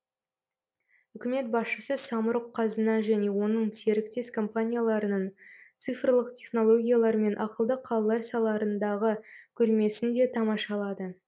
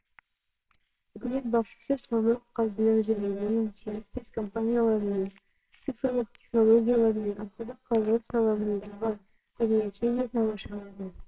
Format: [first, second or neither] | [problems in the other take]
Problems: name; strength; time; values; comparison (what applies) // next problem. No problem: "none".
first | noise reduction (neural separator model SepFormer WHAMR!)